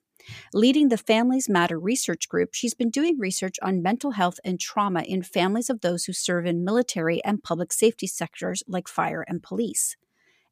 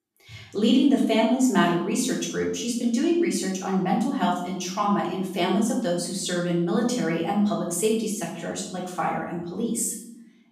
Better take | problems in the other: first | room echo; noticeable; dies away in 0.7 s // off-mic speech; far

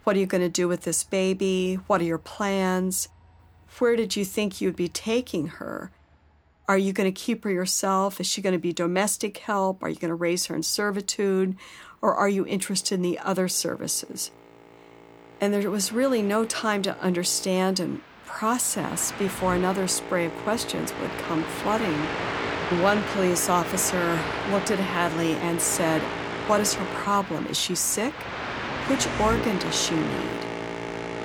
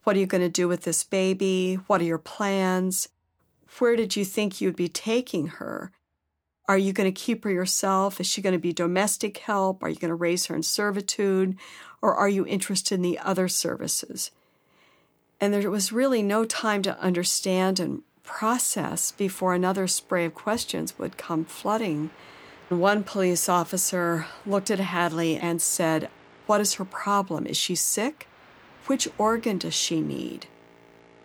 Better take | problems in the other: second | train or aircraft noise; loud; throughout; 6 dB below the speech; faint in the second

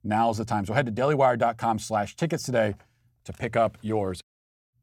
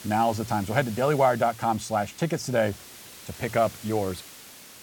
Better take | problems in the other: first | hiss; noticeable; throughout; 15 dB below the speech

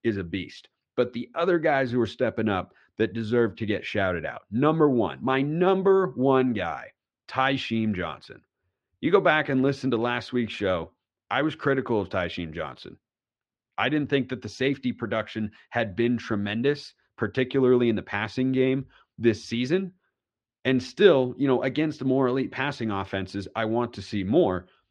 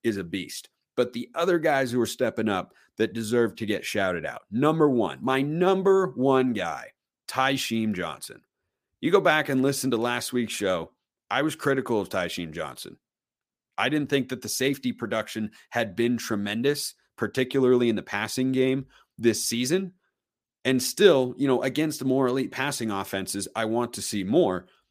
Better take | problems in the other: second | muffled; slightly; fading above 3.5 kHz

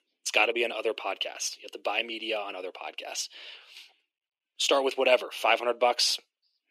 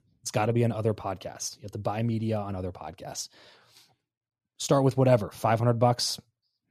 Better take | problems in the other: second | thin; very; fading below 350 Hz

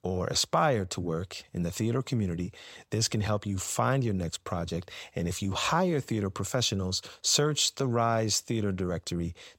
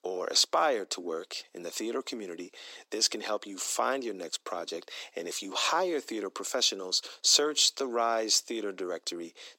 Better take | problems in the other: first | thin; somewhat; fading below 300 Hz

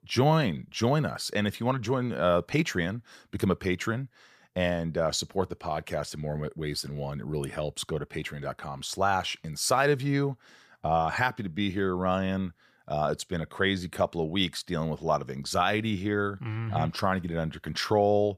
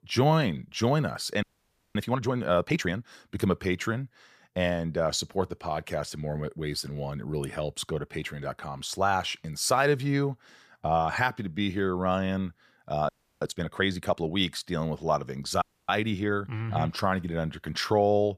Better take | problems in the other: first | audio freezing; at 1.5 s for 0.5 s, at 13 s and at 16 s

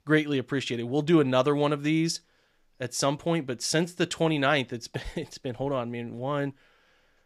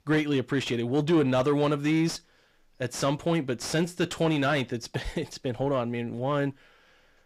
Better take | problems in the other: first | distortion; slight; 10 dB below the speech

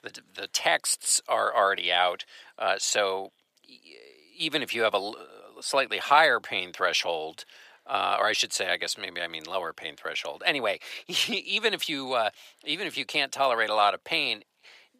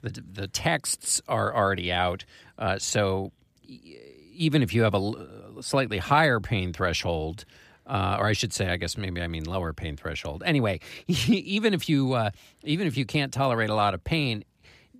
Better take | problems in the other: second | thin; very; fading below 650 Hz

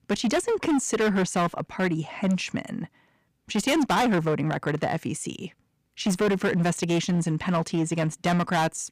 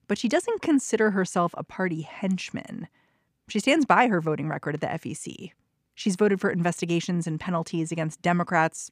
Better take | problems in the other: second | distortion; heavy; 14% of the sound clipped

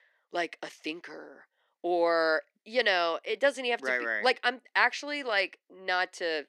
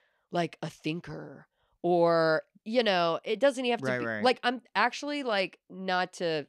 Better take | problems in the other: second | thin; somewhat; fading below 300 Hz

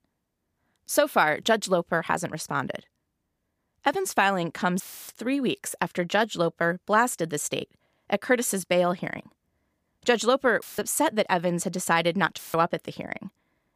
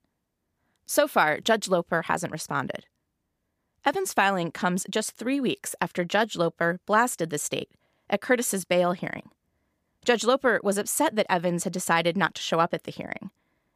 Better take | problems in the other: second | audio cutting out; filled with static; at 5 s, at 11 s and at 12 s

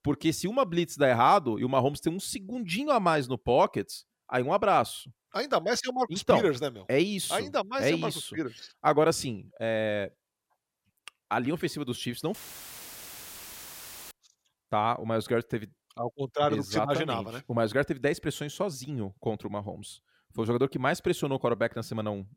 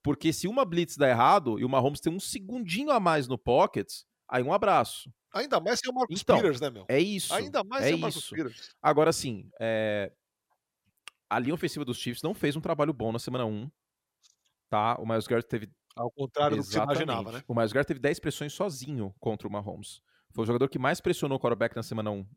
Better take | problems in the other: second | audio cutting out; filled with static; at 12 s for 2 s

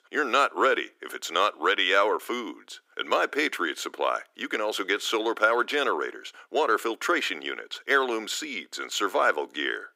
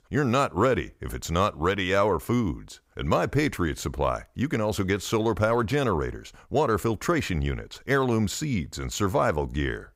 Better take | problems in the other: second | thin; very; fading below 300 Hz

